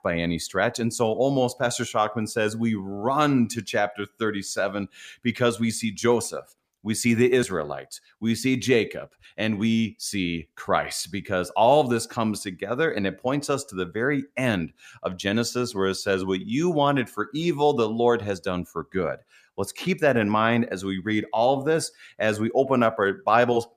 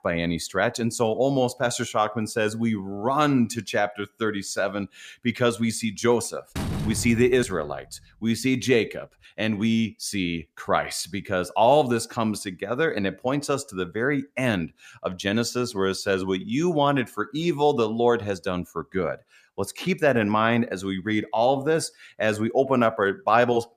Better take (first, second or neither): first